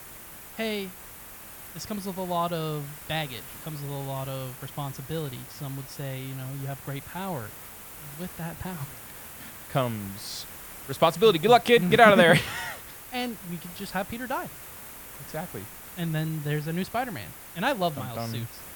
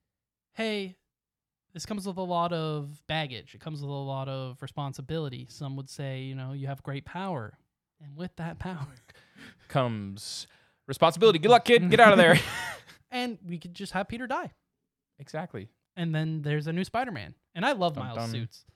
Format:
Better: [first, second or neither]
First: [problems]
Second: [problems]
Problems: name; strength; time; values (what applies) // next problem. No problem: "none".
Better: second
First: hiss; noticeable; throughout; 15 dB below the speech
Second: none